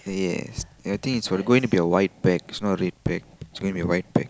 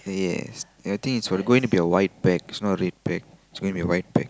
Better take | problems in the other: second | background sound (Raindrop / Drip); 18 dB below the speech

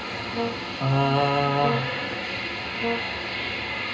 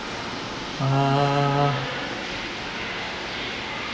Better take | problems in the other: second | background sound (Brass instrument); 10 dB below the speech // room echo; dies away in 0.2 s

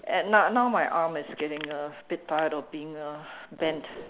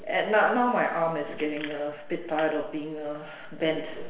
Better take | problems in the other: first | room echo; dies away in 0.8 s

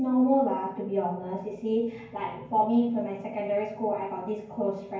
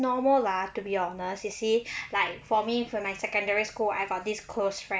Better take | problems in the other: second | room echo; dies away in 0.9 s

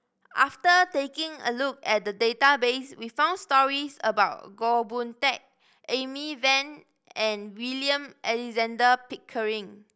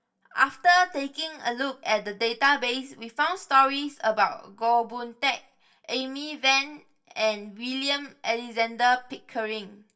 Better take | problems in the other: first | room echo; dies away in 0.2 s

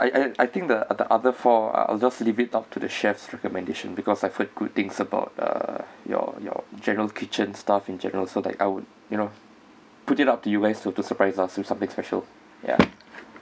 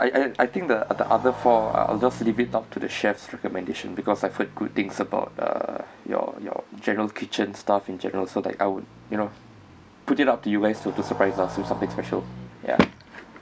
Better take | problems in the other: first | background sound (Motorcycle); 15 dB below the speech

